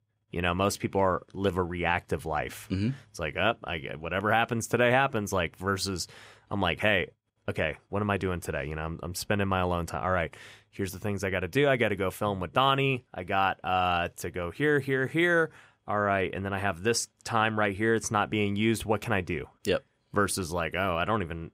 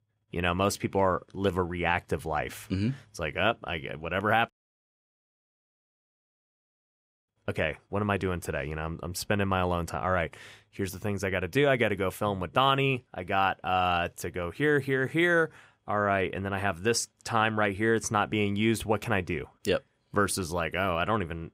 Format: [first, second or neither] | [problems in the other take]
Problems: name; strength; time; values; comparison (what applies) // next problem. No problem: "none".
first | audio cutting out; at 4.5 s for 3 s